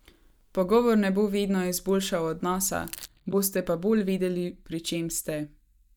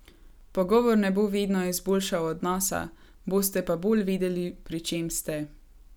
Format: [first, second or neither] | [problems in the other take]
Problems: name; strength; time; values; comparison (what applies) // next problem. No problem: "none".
second | noise reduction (neural mask model DeepFilterNet 3)